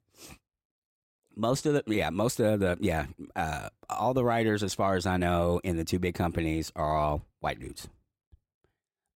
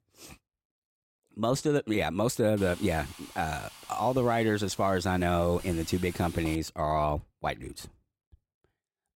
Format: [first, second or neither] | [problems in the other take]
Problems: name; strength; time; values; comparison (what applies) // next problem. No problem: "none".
first | hiss; very faint; from 2.5 to 6.5 s; 20 dB below the speech